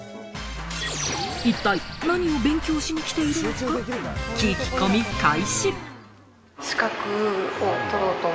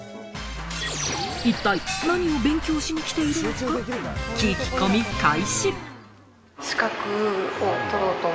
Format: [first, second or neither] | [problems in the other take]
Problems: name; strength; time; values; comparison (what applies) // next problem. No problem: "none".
first | background sound (Gong); 11 dB below the speech